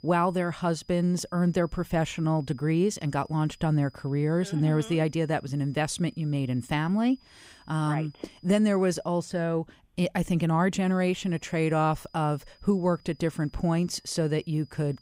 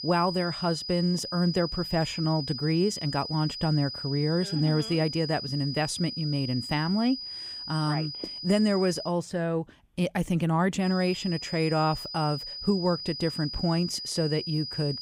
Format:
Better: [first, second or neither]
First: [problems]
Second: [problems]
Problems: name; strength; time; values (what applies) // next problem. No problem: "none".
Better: first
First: high-pitched whine; faint; until 9 s and from 11 s on; 5 kHz, 30 dB below the speech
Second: high-pitched whine; loud; until 9 s and from 11 s on; 5 kHz, 7 dB below the speech